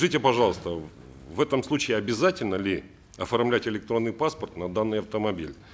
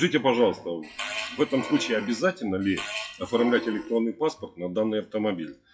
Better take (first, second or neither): first